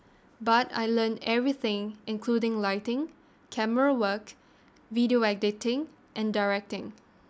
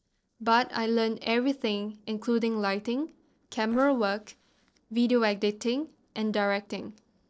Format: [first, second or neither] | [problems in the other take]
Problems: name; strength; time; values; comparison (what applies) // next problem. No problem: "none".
first | noise reduction (neural separator model SepFormer DNS4)